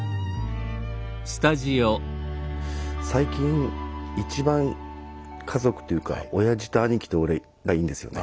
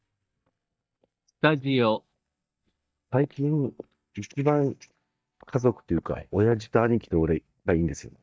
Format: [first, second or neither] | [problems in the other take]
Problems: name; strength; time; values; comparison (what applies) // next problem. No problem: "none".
first | noise reduction (neural mask model DeepFilterNet 3)